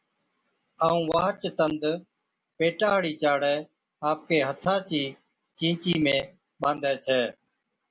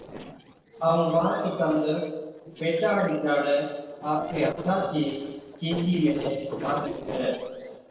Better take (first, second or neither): first